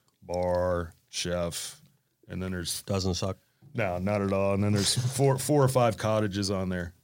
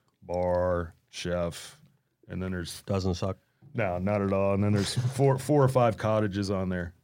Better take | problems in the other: first | muffled; slightly; fading above 3 kHz

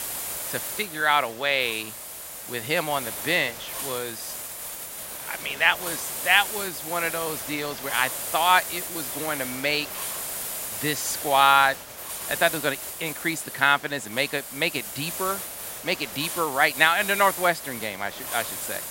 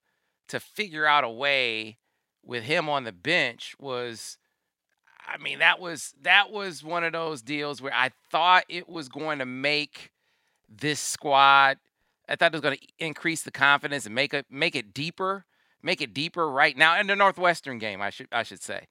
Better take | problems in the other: second | hiss; loud; throughout; 7 dB below the speech

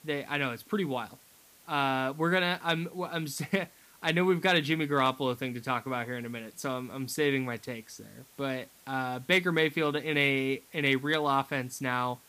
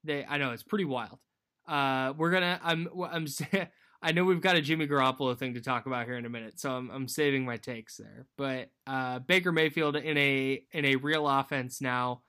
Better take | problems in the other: second | hiss; faint; throughout; 25 dB below the speech

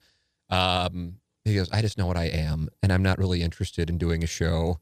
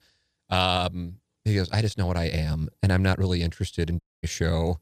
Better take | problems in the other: first | audio cutting out; at 4 s

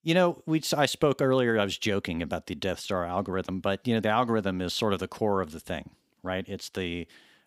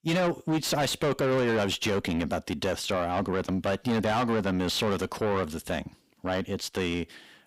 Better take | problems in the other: first | distortion; heavy; 6 dB below the speech

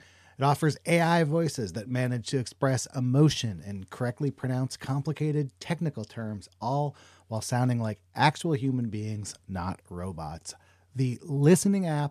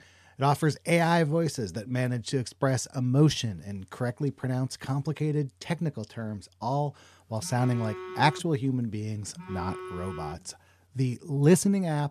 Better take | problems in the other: first | phone ringing; faint; from 7.5 to 10 s; peak 10 dB below the speech

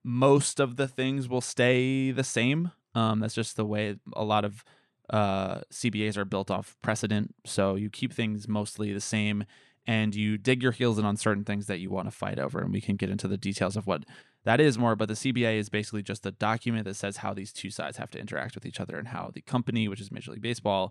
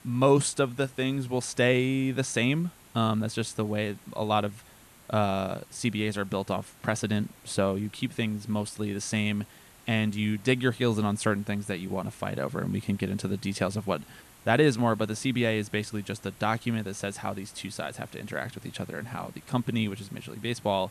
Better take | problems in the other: first | hiss; faint; throughout; 25 dB below the speech

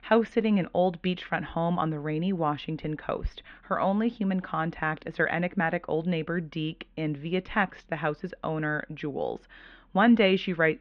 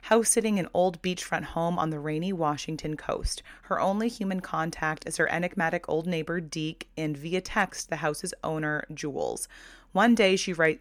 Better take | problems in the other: second | muffled; very; fading above 3.5 kHz

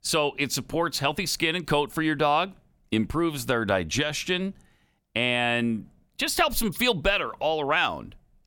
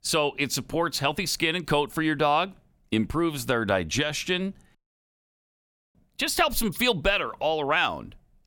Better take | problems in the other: first | audio cutting out; at 5 s for 1 s

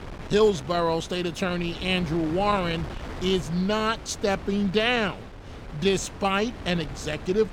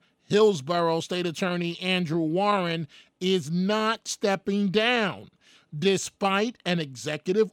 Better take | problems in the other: second | wind noise on the microphone; occasional gusts; 15 dB below the speech

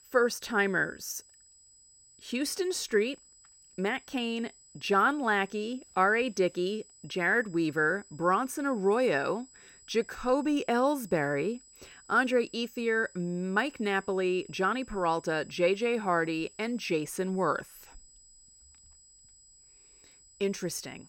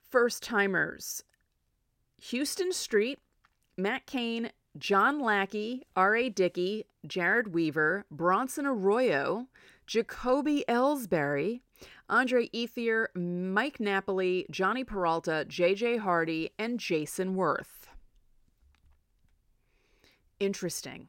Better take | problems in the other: second | high-pitched whine; faint; throughout; 8 kHz, 25 dB below the speech

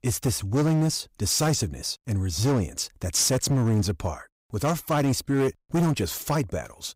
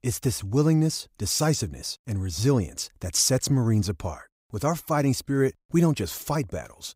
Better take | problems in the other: second | distortion; slight; 11% of the sound clipped

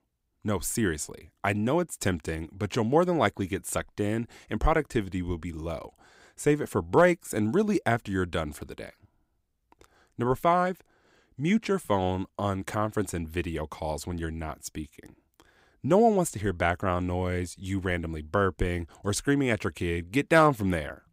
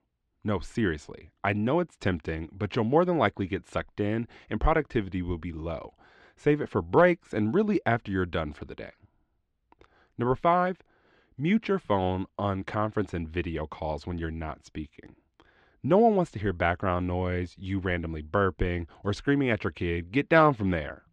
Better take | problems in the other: first | muffled; slightly; fading above 4 kHz

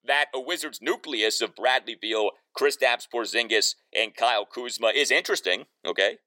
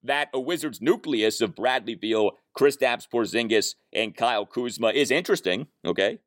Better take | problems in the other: second | thin; somewhat; fading below 550 Hz

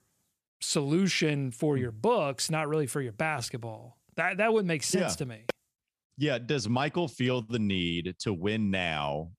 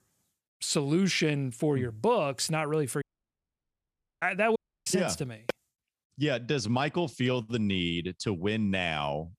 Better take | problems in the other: first | audio cutting out; at 3 s for 1 s and at 4.5 s

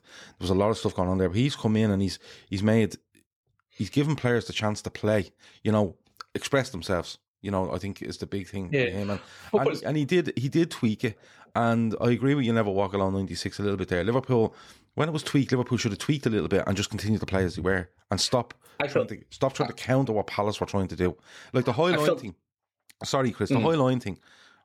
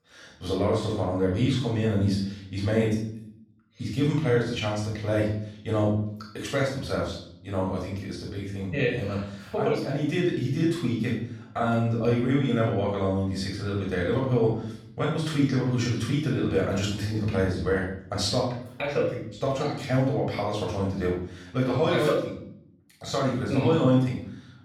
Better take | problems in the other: first | off-mic speech; far // room echo; noticeable; dies away in 0.6 s

